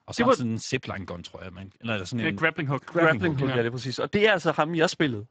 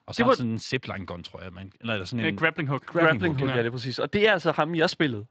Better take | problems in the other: second | garbled, watery; badly; nothing above 7.5 kHz; slightly in the second

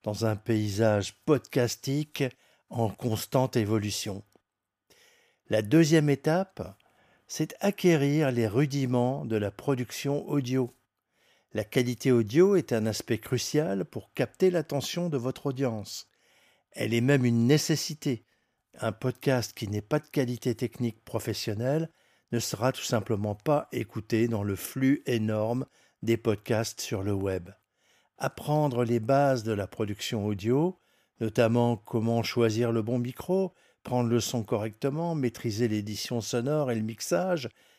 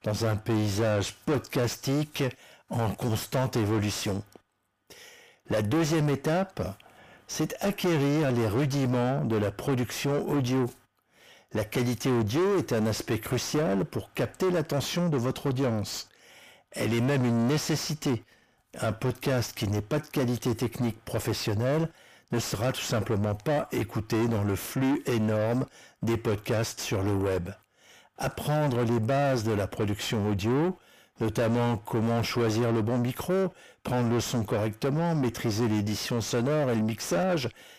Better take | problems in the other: first | distortion; heavy; 6 dB below the speech

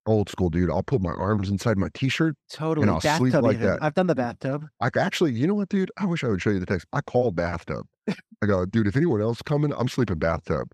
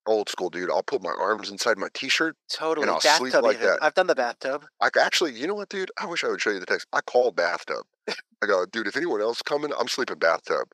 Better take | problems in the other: first | thin; very; fading below 450 Hz

